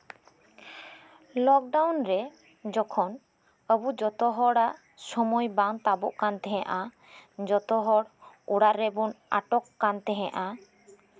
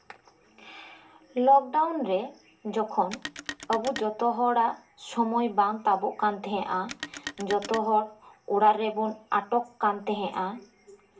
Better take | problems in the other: first | background sound (Telephone); 13 dB below the speech // room echo; dies away in 0.3 s

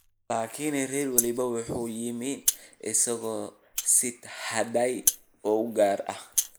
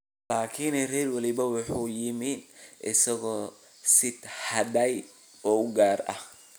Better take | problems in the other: second | noise reduction (neural mask model Resemble Enhance denoiser)

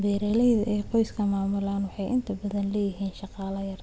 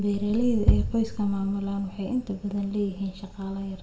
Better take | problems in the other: first | background sound (Bass drum); 2 dB below the speech // room echo; dies away in 0.5 s

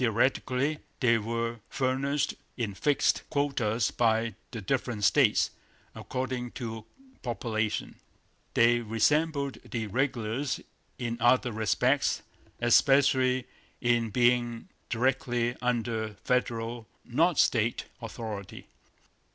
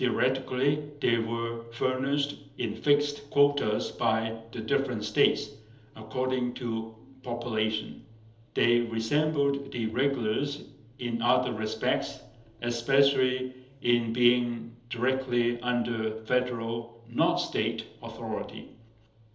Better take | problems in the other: first | room echo; dies away in 1.2 s

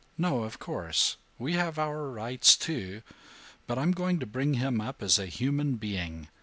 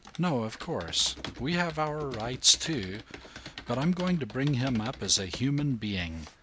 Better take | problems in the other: first | background sound (Computer keyboard); 15 dB below the speech

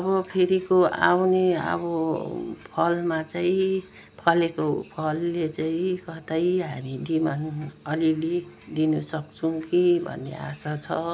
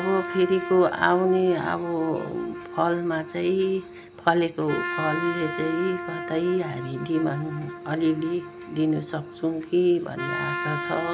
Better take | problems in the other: first | background sound (Trumpet); 9 dB below the speech

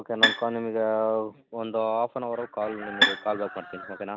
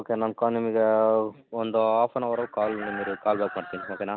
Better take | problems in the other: second | background sound (Bowed string instrument); 1 dB above the speech

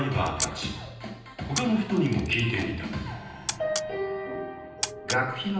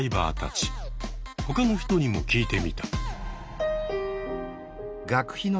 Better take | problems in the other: second | background sound (Camera); 9 dB below the speech // room echo; dies away in 0.9 s

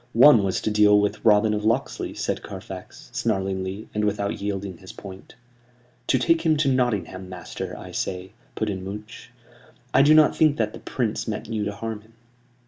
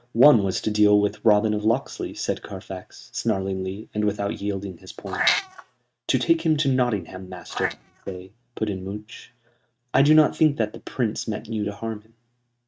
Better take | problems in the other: first | noise reduction (neural mask model RNNoise)

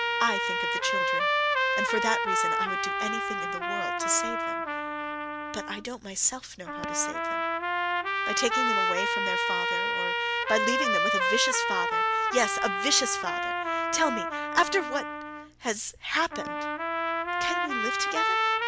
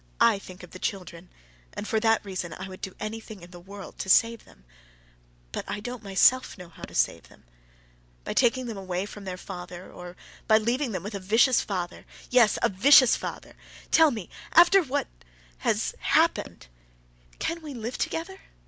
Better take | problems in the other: second | background sound (Trumpet); 4 dB above the speech

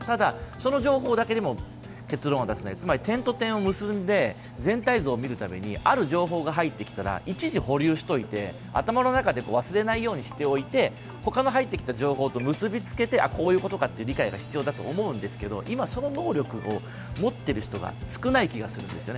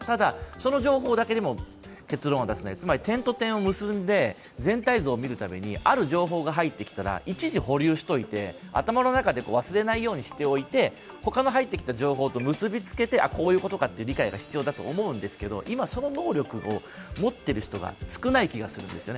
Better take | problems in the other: second | background sound (Engine); 15 dB below the speech

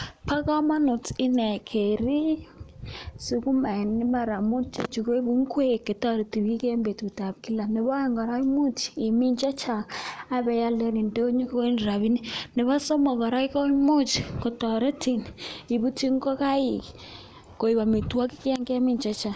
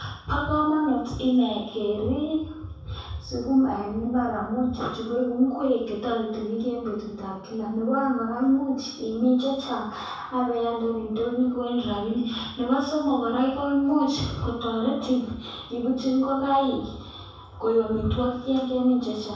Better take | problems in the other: first | room echo; dies away in 0.7 s

